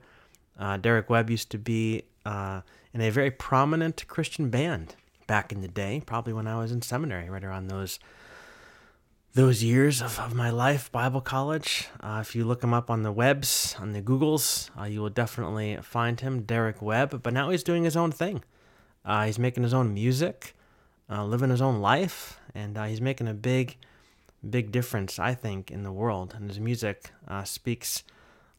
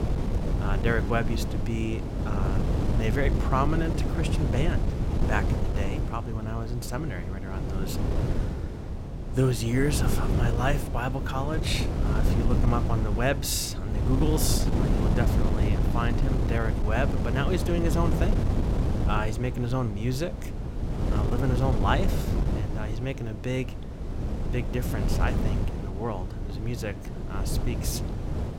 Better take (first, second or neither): first